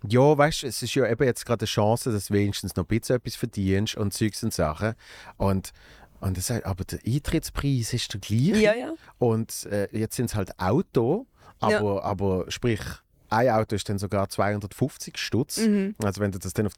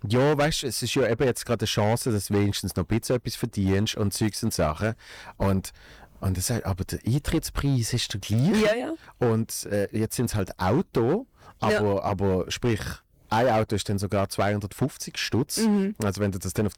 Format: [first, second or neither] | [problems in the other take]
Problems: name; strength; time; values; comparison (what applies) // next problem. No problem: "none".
first | distortion; slight; 8% of the sound clipped